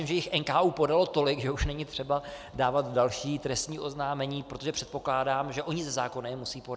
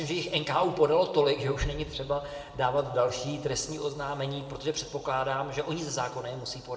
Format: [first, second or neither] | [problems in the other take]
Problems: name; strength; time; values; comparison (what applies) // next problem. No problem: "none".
first | room echo; dies away in 1.4 s